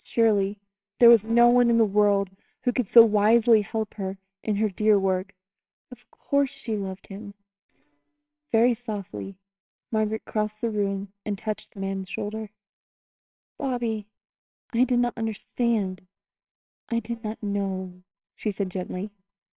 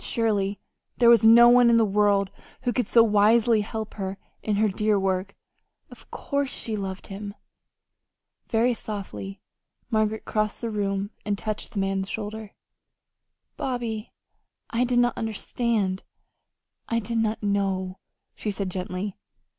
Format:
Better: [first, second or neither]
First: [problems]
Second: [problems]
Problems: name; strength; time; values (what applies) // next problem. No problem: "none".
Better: second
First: noise reduction (neural separator model SepFormer WHAMR!)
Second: none